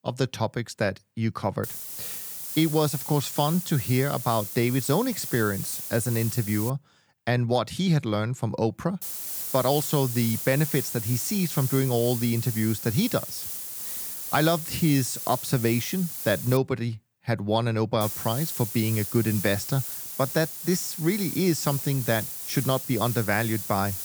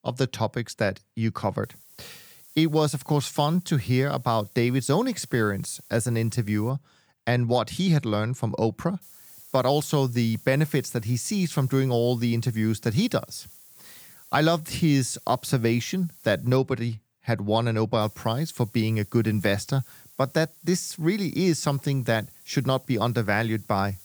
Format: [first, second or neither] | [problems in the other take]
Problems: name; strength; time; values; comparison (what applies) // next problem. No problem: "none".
second | hiss; loud; from 1.5 to 6.5 s, from 9 to 17 s and from 18 s on; 4 dB below the speech; faint in the second